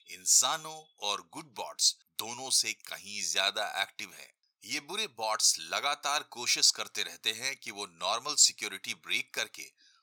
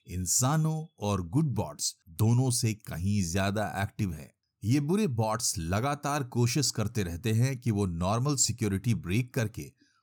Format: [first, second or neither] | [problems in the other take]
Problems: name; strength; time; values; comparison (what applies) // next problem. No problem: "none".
second | thin; very; fading below 800 Hz